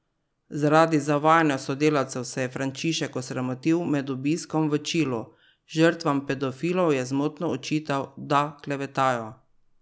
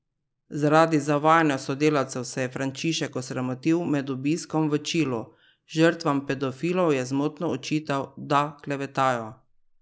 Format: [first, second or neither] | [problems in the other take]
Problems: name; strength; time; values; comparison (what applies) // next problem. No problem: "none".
first | noise reduction (neural mask model Resemble Enhance denoiser)